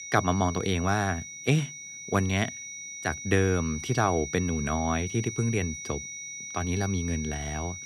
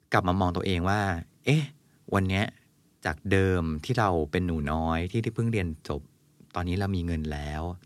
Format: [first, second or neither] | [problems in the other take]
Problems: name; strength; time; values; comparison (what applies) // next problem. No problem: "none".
second | high-pitched whine; loud; throughout; 6 kHz, 8 dB below the speech